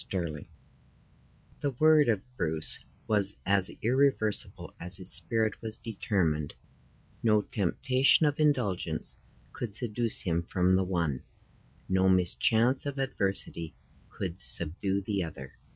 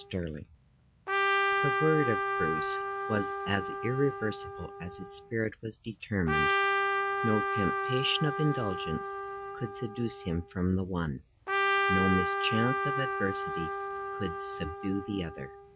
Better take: first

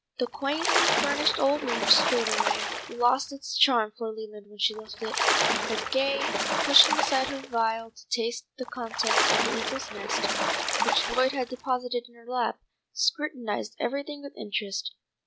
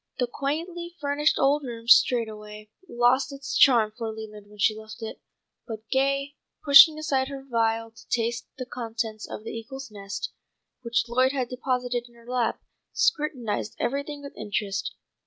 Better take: second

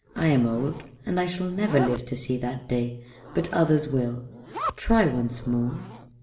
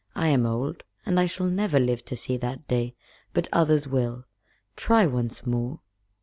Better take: second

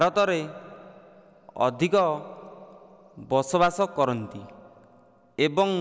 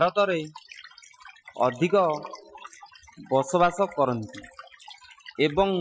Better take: first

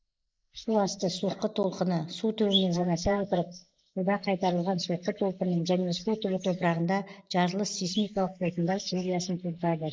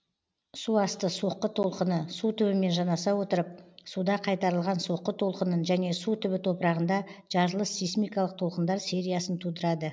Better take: second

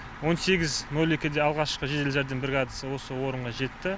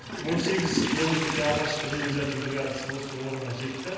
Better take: first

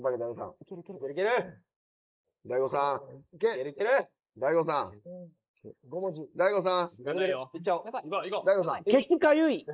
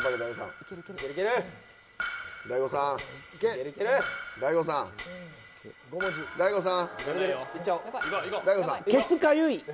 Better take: second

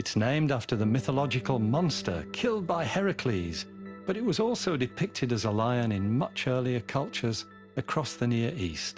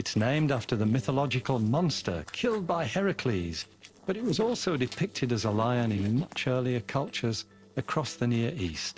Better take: first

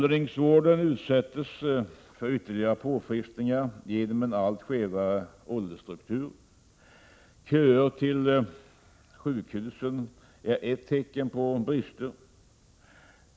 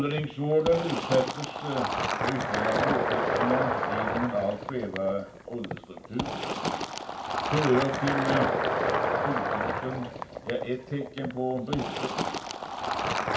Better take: first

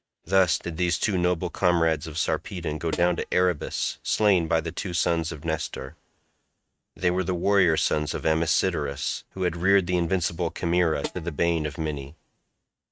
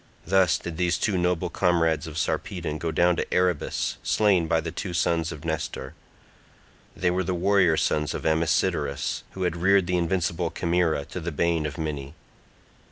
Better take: second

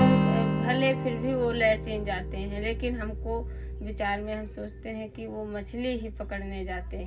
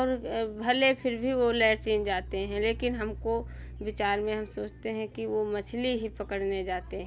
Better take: second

